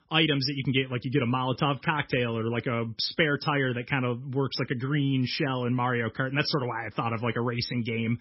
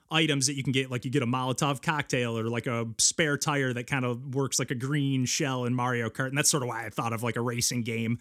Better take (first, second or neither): second